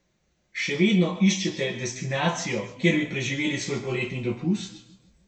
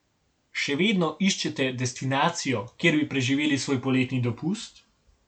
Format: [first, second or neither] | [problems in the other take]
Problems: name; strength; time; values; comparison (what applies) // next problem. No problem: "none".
second | room echo; dies away in 0.8 s